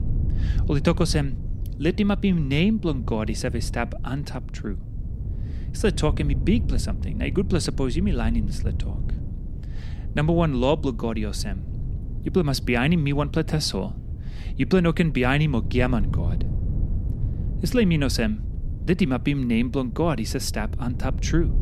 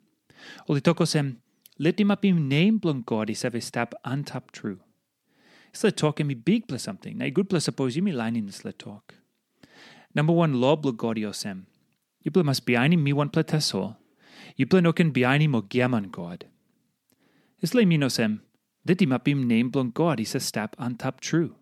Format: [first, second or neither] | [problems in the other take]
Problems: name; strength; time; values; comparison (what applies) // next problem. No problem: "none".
second | wind noise on the microphone; occasional gusts; 15 dB below the speech